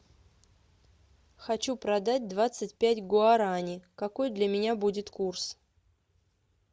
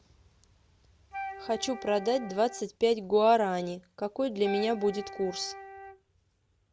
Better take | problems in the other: first | background sound (Wind instrument, woodwind instrument); 13 dB below the speech

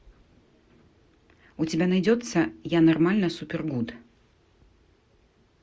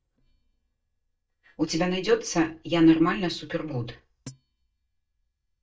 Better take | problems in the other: first | noise reduction (neural mask model DeepFilterNet 3)

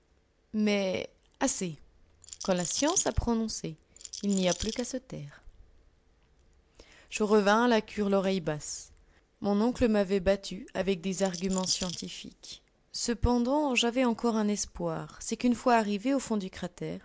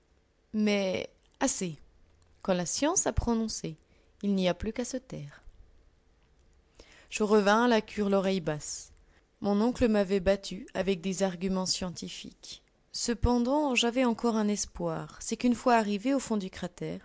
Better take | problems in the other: second | background sound (Rattle); 11 dB below the speech

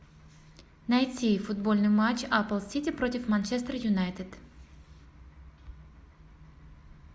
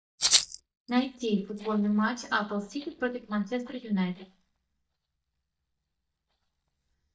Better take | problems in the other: first | noise reduction (neural mask model DeepFilterNet 3)

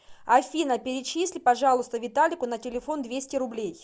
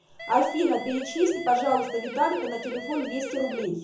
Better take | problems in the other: first | background sound (Siren); 10 dB below the speech // room echo; dies away in 0.6 s

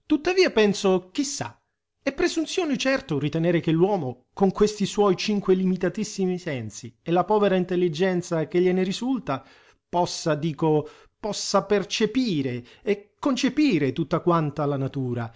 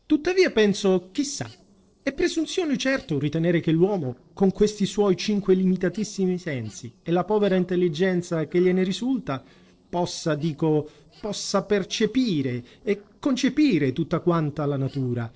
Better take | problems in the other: first | noise reduction (neural separator model SepFormer DNS4)

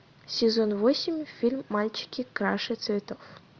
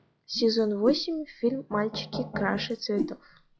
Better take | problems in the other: first | noise reduction (classical method log-MMSE)

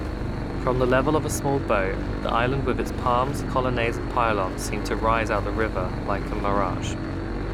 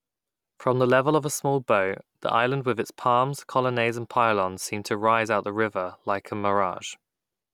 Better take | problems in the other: second | background sound (Engine / Boat, Water vehicle); 2 dB below the speech

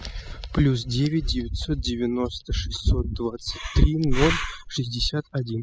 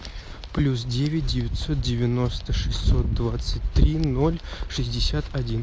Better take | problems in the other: second | noise reduction (classical method spectral subtraction)

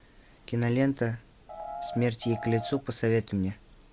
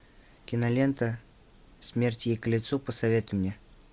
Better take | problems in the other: second | background sound (Piano); 8 dB below the speech

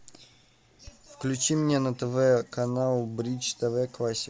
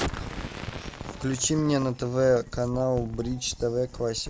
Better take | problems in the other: first | background sound (Explosion); 10 dB below the speech

